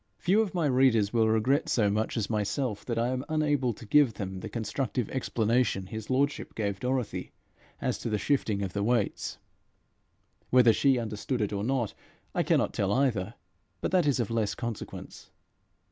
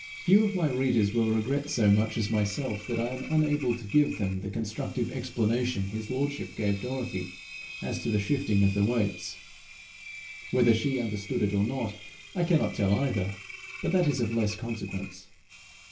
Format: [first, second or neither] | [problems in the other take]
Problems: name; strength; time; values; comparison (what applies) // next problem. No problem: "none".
first | background sound (Engine); 16 dB below the speech // room echo; dies away in 0.3 s